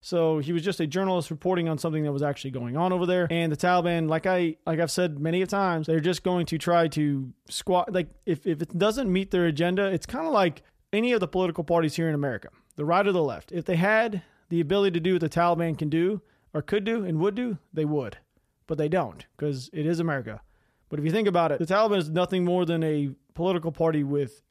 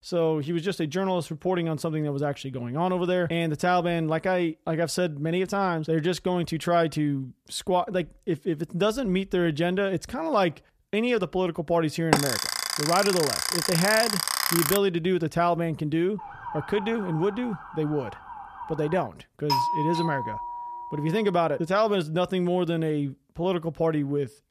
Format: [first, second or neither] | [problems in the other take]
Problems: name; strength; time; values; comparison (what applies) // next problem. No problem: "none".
first | alarm; loud; from 12 to 15 s; peak 3 dB above the speech // siren; noticeable; from 16 to 19 s; peak 10 dB below the speech // doorbell; loud; from 19 to 21 s; peak 2 dB above the speech